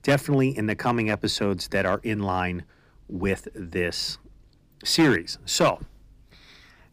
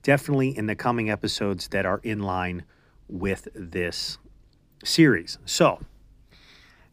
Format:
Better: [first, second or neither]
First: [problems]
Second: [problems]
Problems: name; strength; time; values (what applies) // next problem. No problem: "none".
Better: second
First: distortion; slight; 1.9% of the sound clipped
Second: none